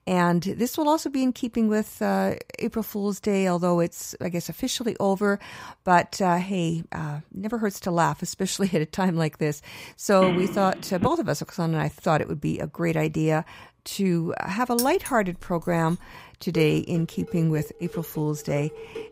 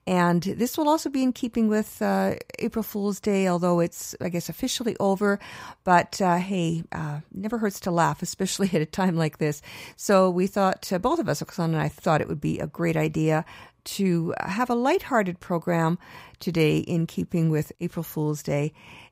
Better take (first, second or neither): second